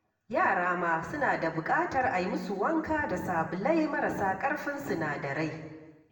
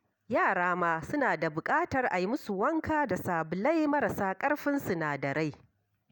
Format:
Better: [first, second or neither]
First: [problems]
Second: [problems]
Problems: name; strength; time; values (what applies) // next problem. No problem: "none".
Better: second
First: room echo; dies away in 1.1 s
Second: none